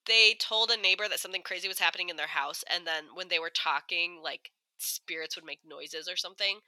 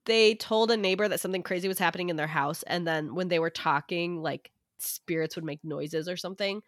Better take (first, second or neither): second